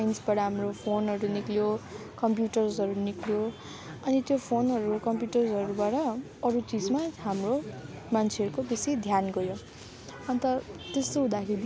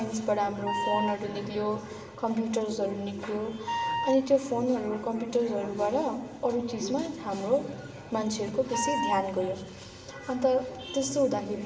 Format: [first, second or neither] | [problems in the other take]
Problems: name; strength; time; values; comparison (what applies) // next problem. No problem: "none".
first | background sound (Wind instrument, woodwind instrument); 3 dB below the speech // room echo; dies away in 1.1 s